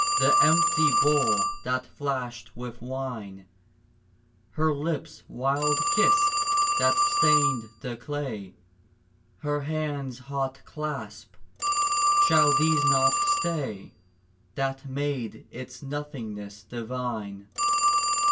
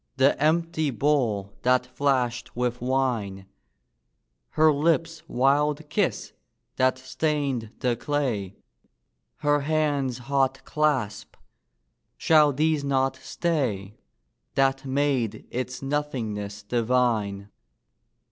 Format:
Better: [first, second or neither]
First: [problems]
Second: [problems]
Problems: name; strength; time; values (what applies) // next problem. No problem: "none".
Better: second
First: background sound (Telephone); 2 dB above the speech // room echo; dies away in 0.2 s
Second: none